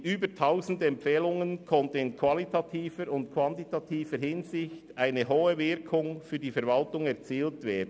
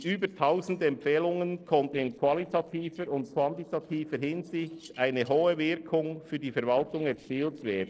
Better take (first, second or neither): first